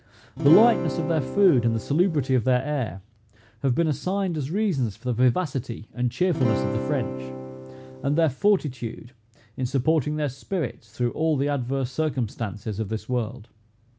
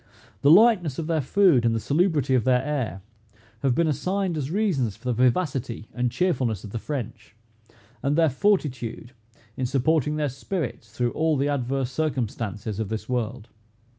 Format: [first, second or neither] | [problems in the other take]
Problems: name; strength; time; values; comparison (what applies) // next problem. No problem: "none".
second | background sound (Acoustic guitar / Strum); 6 dB below the speech